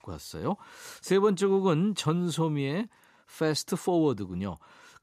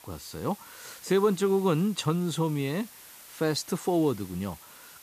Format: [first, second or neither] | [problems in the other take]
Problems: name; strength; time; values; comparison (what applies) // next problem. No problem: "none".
first | hiss; noticeable; throughout; 20 dB below the speech